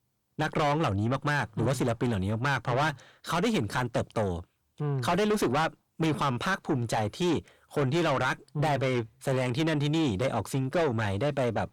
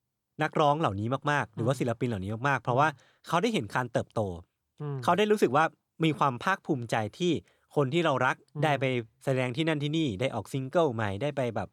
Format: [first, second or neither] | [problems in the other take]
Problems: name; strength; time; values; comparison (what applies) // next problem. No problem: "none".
second | distortion; heavy; 5 dB below the speech